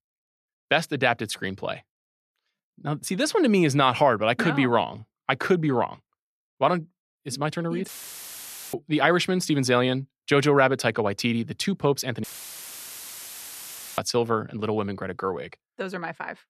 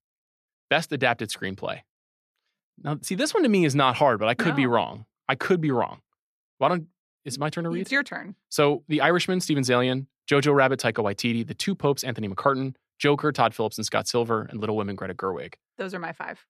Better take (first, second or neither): second